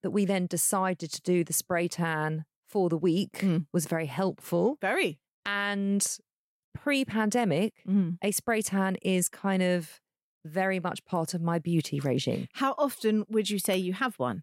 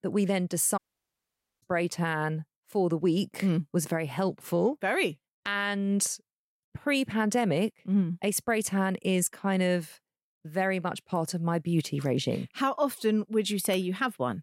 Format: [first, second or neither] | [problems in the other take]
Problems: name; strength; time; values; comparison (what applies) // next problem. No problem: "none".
first | audio cutting out; at 1 s for 1 s